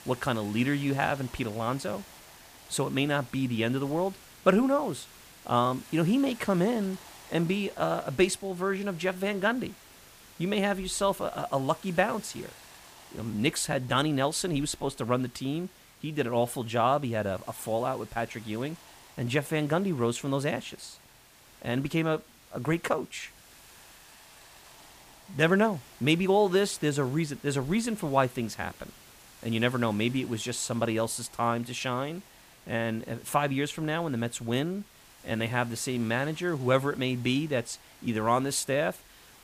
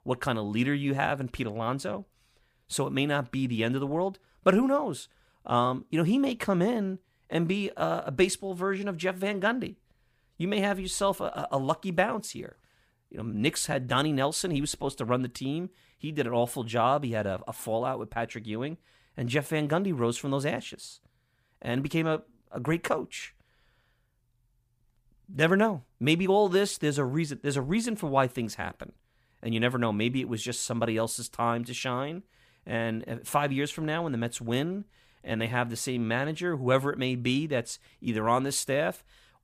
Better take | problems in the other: second | hiss; faint; throughout; 20 dB below the speech

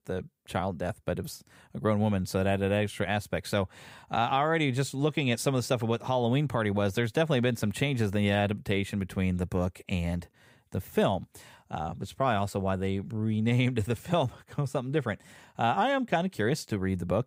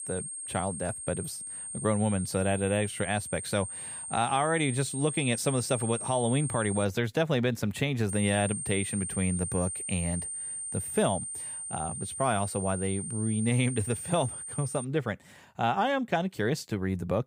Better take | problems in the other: first | high-pitched whine; loud; until 7 s and from 8 to 15 s; 8.5 kHz, 5 dB below the speech

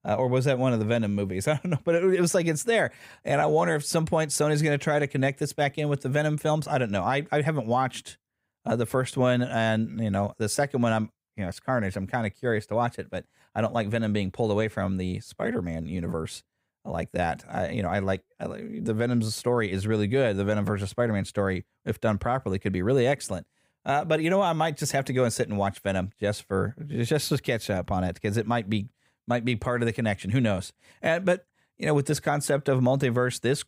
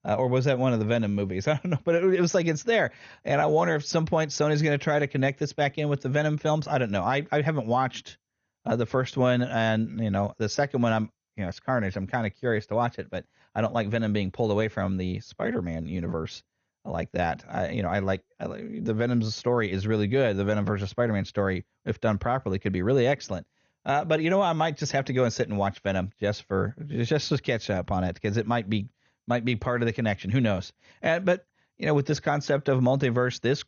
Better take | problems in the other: first | garbled, watery; slightly; nothing above 6.5 kHz

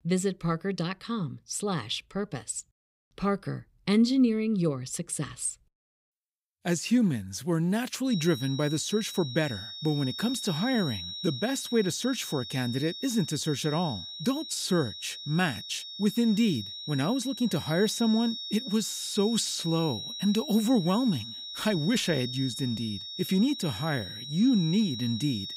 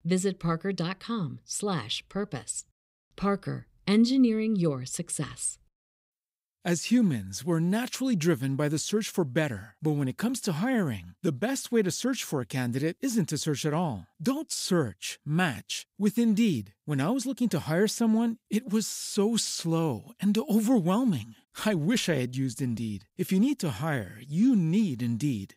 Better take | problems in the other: second | high-pitched whine; loud; from 8 s on; 4 kHz, 8 dB below the speech

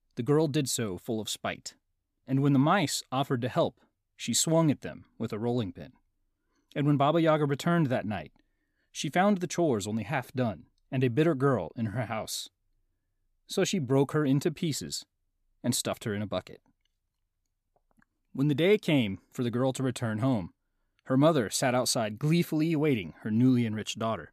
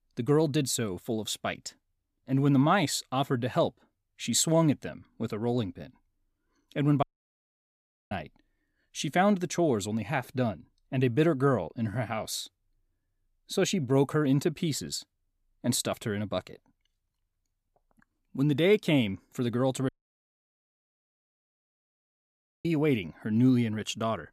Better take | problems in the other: first | audio cutting out; at 7 s for 1 s and at 20 s for 3 s

